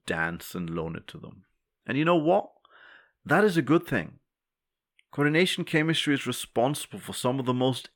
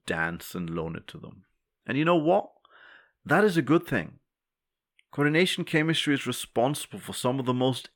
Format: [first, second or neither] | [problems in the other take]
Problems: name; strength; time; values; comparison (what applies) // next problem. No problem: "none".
neither | none